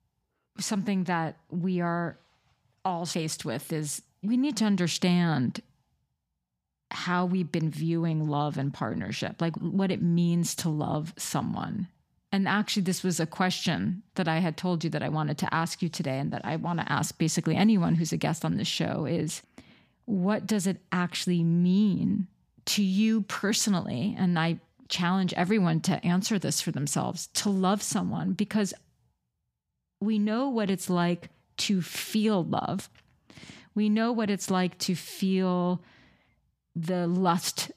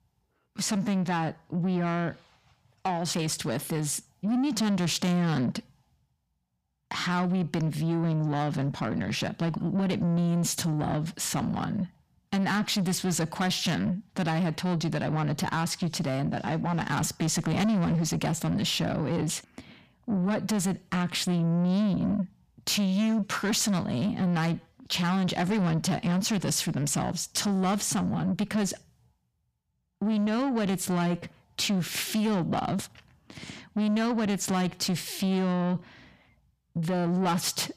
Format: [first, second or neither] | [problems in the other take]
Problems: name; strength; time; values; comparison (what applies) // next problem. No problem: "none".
first | distortion; slight; 10 dB below the speech